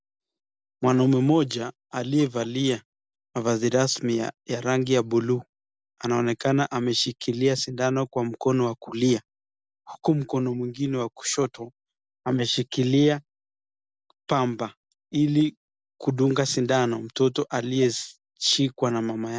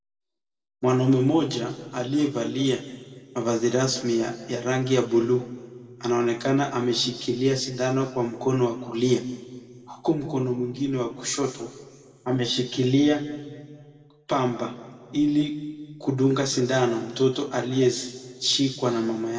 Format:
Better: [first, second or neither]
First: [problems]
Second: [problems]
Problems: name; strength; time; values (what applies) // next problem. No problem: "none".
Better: first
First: none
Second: room echo; dies away in 1.6 s